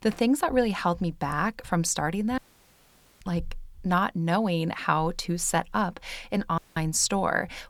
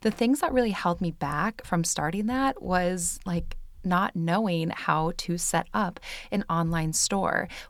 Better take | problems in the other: second | audio cutting out; at 2.5 s for 1 s and at 6.5 s

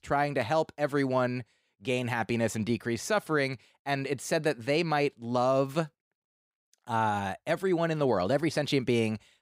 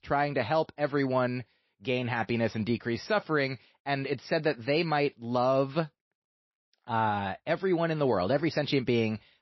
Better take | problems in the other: first | garbled, watery; slightly; nothing above 5.5 kHz

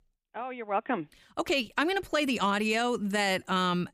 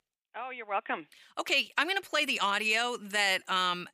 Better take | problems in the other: first | thin; somewhat; fading below 1 kHz

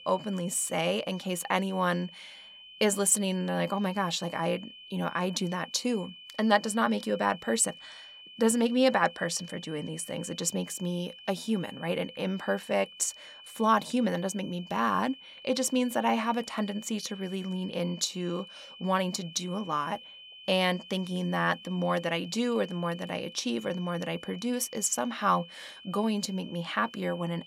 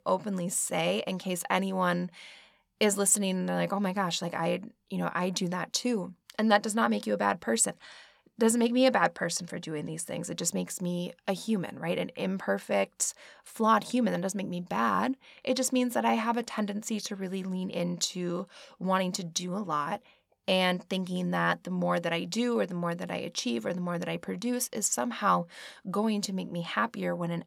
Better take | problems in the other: second | high-pitched whine; noticeable; throughout; 3 kHz, 15 dB below the speech

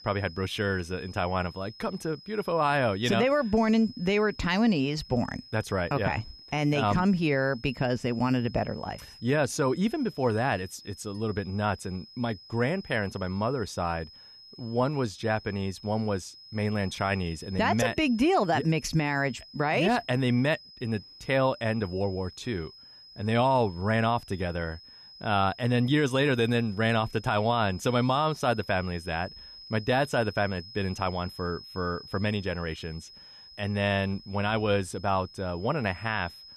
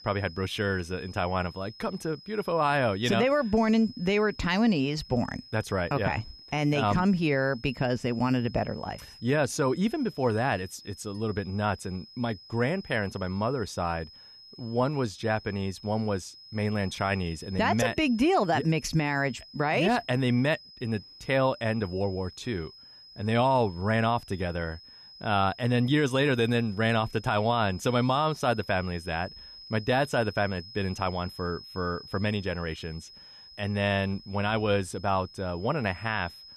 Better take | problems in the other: neither | high-pitched whine; noticeable; throughout; 5 kHz, 20 dB below the speech; the same in both

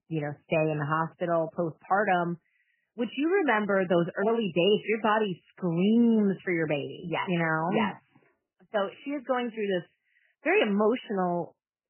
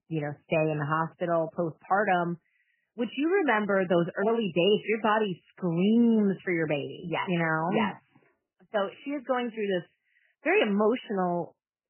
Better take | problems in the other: neither | garbled, watery; badly; nothing above 3 kHz; the same in both

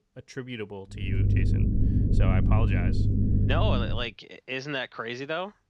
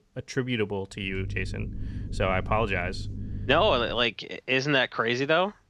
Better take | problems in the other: second | low rumble; loud; from 1 to 4 s; 4 dB below the speech; faint in the second

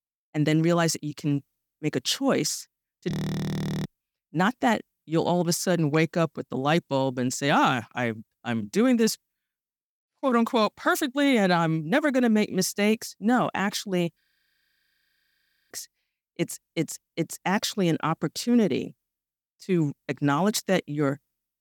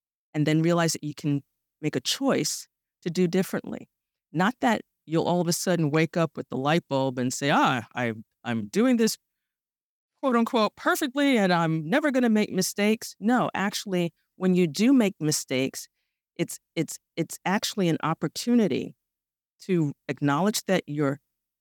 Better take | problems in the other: second | audio freezing; at 3 s for 0.5 s and at 14 s for 1.5 s

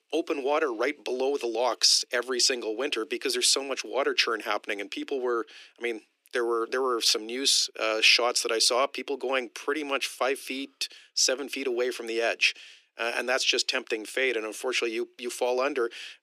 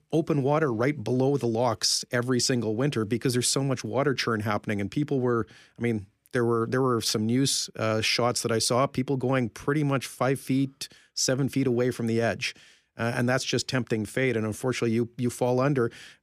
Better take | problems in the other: second | thin; somewhat; fading below 350 Hz

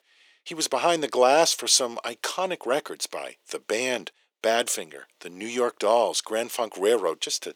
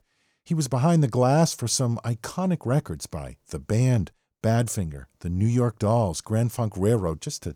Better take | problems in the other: second | thin; very; fading below 350 Hz

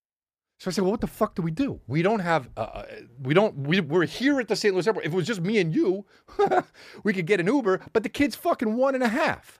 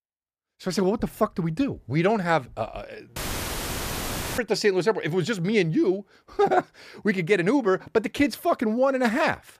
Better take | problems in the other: first | audio cutting out; filled with static; at 3 s for 1 s

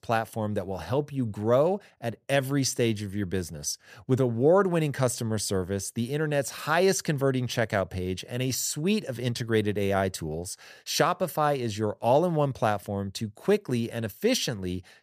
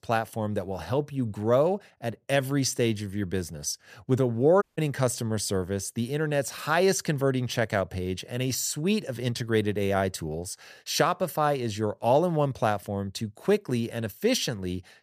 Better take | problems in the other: first | audio cutting out; at 4.5 s

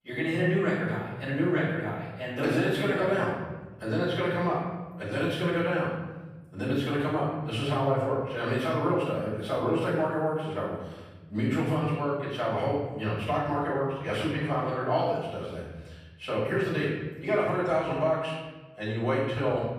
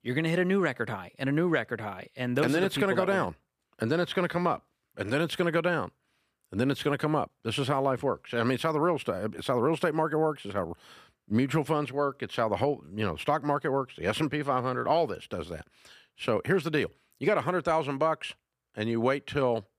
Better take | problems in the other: second | room echo; noticeable; dies away in 1.4 s // off-mic speech; far

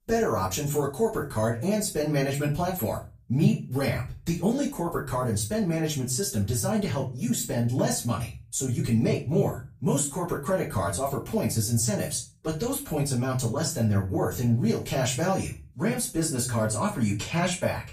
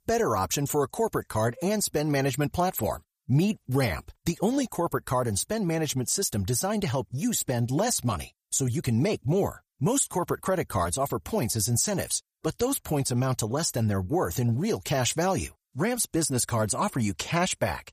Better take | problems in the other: second | off-mic speech; far // room echo; slight; dies away in 0.3 s

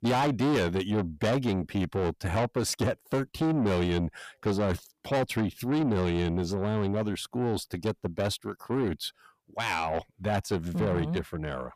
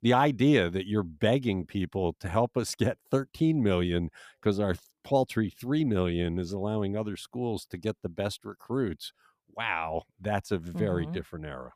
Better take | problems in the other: second | distortion; heavy; 7 dB below the speech

